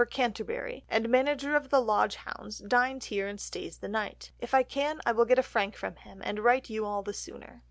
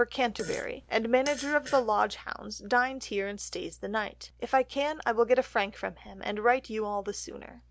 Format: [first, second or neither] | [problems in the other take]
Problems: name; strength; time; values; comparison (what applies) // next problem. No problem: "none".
first | background sound (Fart); 14 dB below the speech